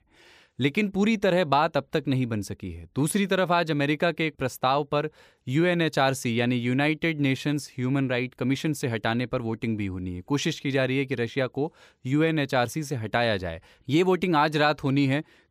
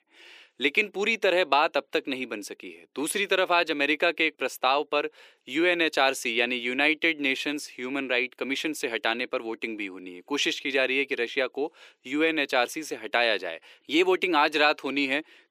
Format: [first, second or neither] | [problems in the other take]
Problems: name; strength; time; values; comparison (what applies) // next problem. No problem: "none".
first | thin; somewhat; fading below 350 Hz